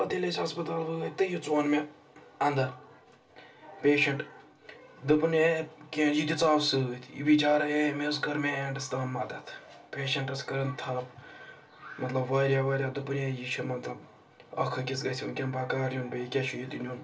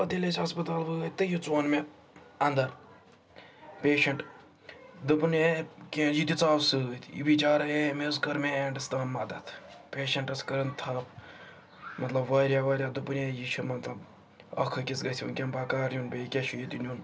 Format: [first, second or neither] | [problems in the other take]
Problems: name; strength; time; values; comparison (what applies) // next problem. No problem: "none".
second | room echo; dies away in 0.2 s